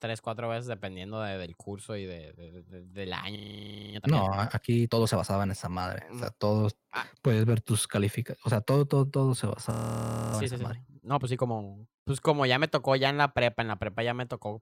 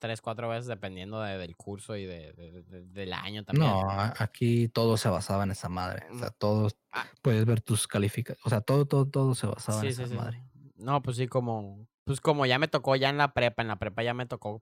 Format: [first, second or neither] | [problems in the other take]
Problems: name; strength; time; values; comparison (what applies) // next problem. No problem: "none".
second | audio freezing; at 3.5 s for 0.5 s and at 9.5 s for 0.5 s